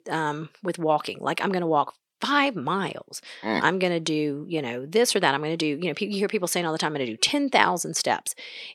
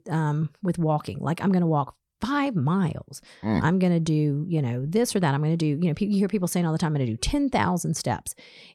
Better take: second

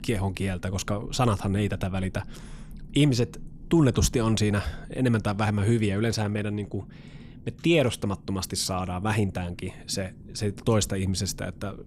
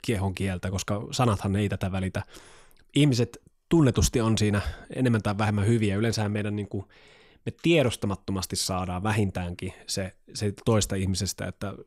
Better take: second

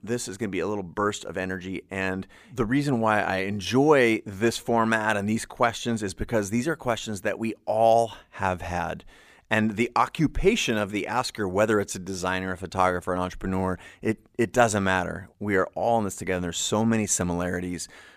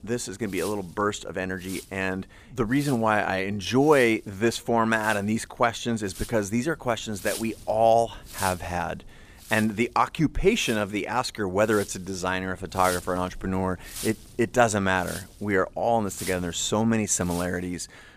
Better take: first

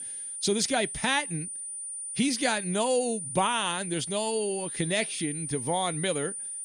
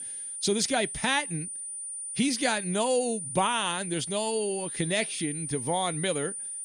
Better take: neither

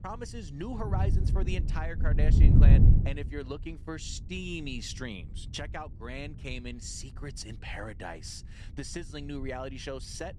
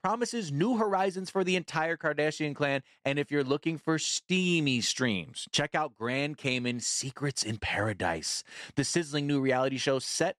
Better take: second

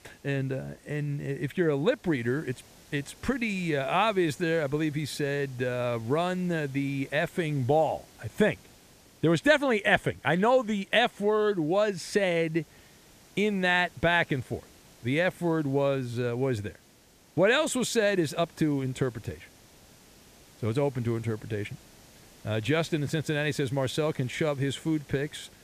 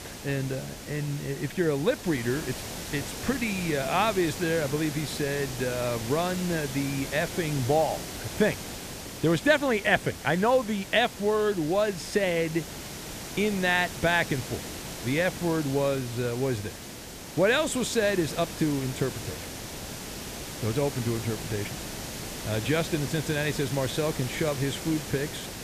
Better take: first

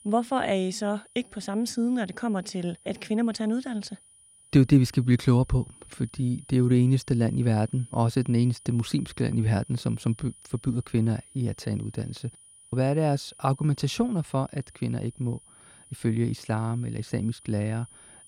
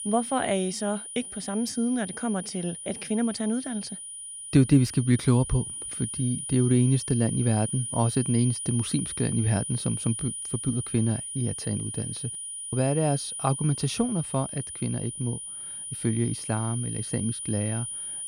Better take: first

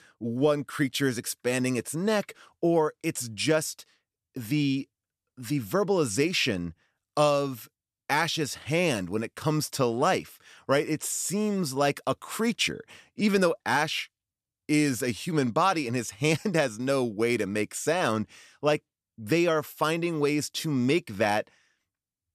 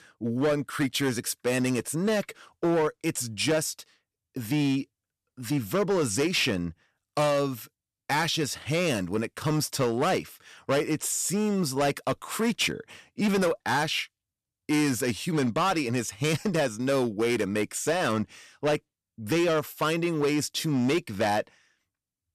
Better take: first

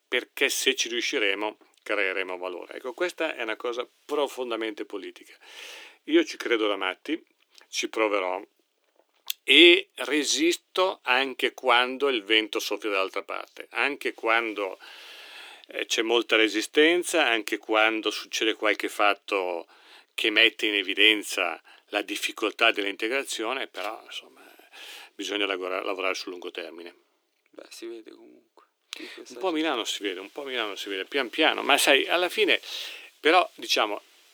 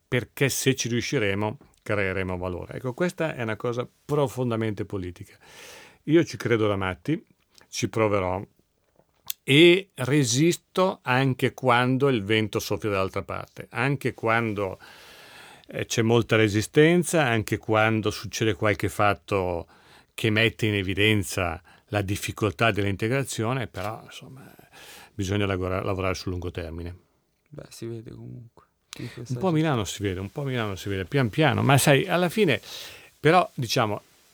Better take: second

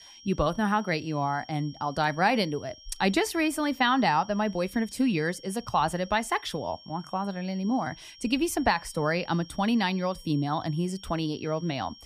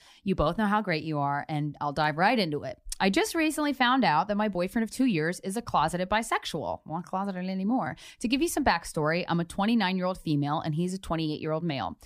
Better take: second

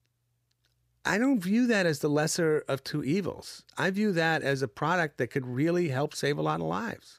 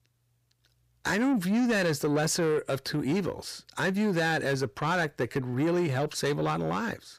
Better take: first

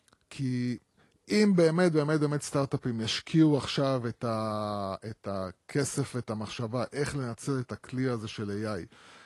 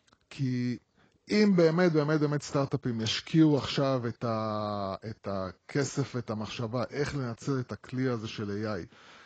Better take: first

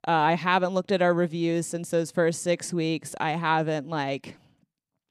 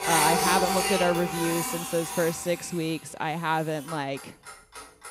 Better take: first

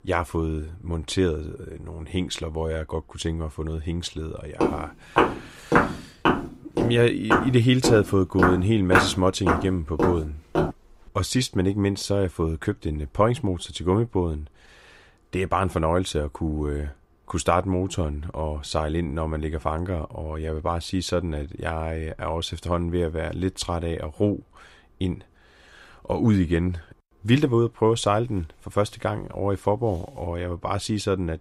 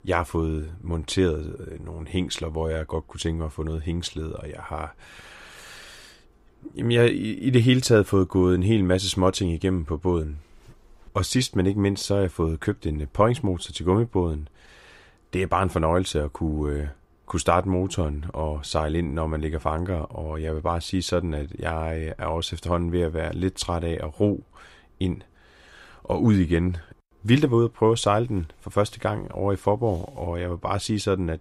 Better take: second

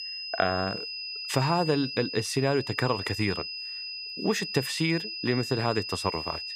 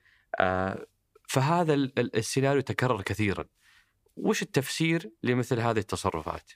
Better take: second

